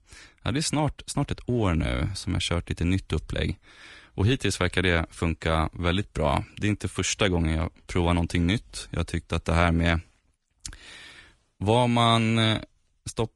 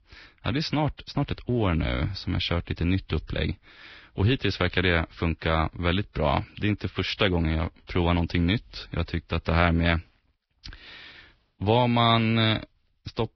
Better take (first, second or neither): first